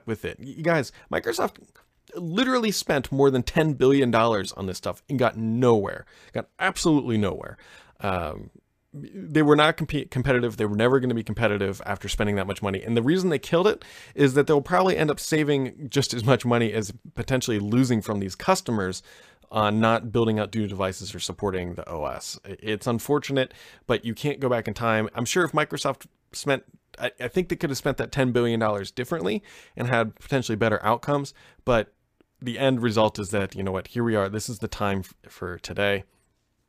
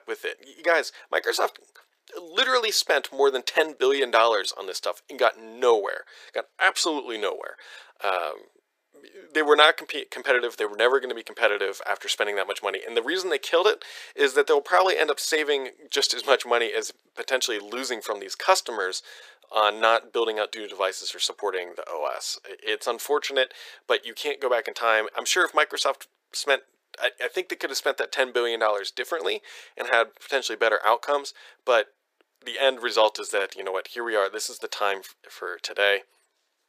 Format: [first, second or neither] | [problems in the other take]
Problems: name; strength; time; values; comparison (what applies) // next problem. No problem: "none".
first | thin; very; fading below 400 Hz